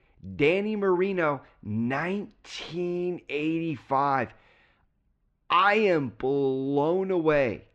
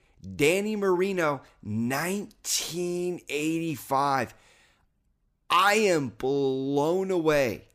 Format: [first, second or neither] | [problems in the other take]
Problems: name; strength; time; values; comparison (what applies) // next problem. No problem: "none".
second | muffled; very; fading above 3 kHz